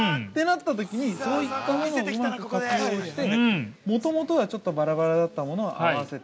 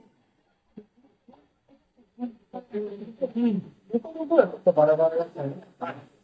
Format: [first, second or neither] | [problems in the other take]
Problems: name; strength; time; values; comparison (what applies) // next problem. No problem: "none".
first | noise reduction (neural mask model DeepFilterNet 3)